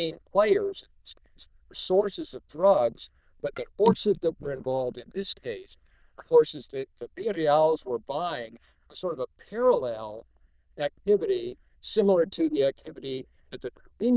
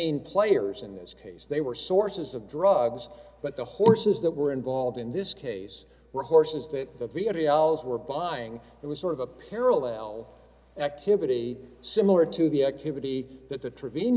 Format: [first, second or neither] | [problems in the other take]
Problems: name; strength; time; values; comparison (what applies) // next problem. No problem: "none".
second | noise reduction (neural diffusion model UNIVERSE++)